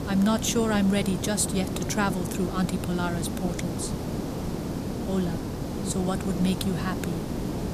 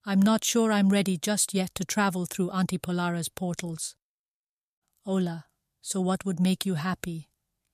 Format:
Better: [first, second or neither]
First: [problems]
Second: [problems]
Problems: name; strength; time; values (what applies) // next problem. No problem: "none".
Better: second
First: hiss; loud; throughout; 4 dB below the speech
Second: none